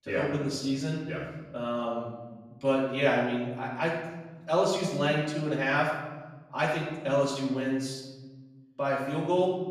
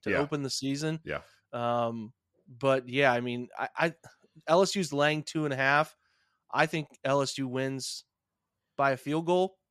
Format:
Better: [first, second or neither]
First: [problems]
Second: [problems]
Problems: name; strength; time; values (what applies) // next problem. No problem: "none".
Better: second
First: off-mic speech; far // room echo; noticeable; dies away in 1.3 s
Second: none